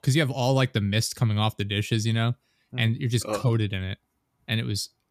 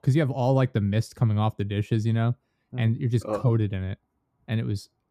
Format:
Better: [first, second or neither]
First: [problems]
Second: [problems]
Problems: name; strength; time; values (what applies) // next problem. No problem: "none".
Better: first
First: none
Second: muffled; slightly; fading above 2 kHz